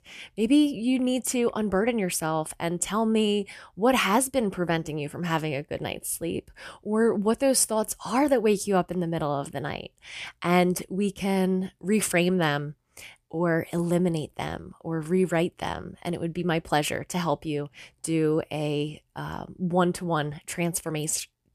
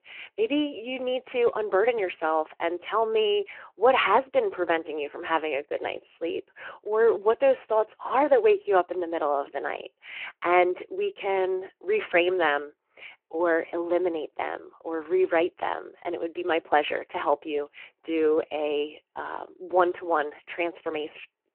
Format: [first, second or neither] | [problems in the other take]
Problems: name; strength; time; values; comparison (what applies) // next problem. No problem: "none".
first | phone-call audio